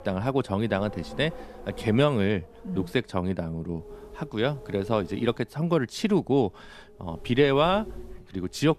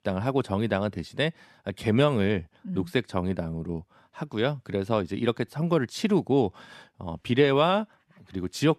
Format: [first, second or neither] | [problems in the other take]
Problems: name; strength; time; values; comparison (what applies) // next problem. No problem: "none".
second | wind noise on the microphone; occasional gusts; 20 dB below the speech